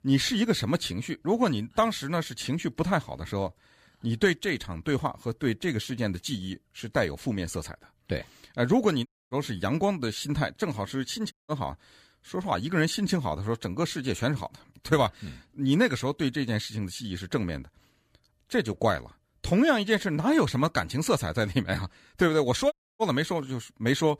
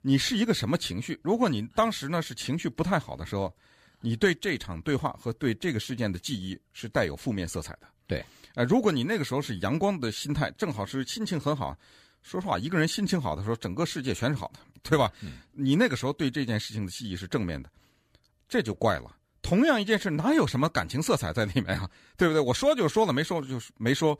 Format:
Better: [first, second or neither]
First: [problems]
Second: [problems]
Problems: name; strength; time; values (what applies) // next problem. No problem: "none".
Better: second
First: audio cutting out; at 9 s, at 11 s and at 23 s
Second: none